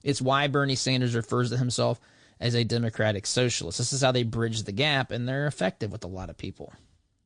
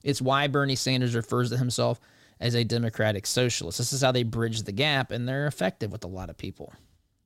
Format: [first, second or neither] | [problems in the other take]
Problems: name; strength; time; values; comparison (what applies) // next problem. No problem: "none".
second | garbled, watery; slightly; nothing above 9.5 kHz